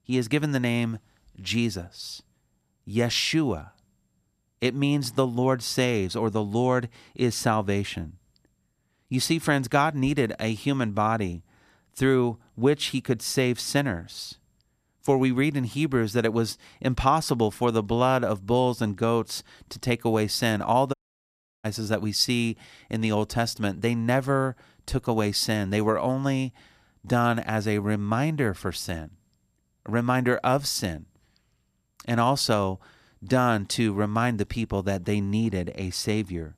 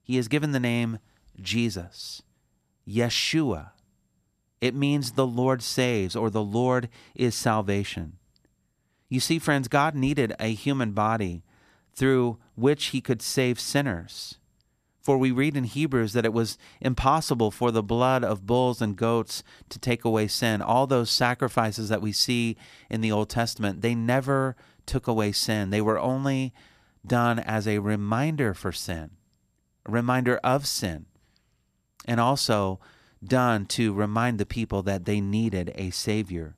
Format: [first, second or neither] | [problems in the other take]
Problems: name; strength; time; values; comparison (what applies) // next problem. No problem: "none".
second | audio cutting out; at 21 s for 0.5 s